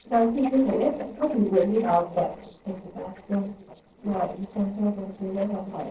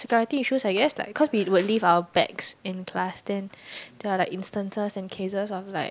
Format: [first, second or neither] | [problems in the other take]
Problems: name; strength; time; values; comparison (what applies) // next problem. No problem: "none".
second | noise reduction (neural separator model SepFormer DNS4)